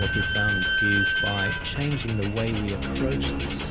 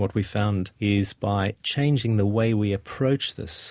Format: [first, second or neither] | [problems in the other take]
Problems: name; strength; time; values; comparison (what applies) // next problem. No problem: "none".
second | background sound (Squeak / Slam); 3 dB above the speech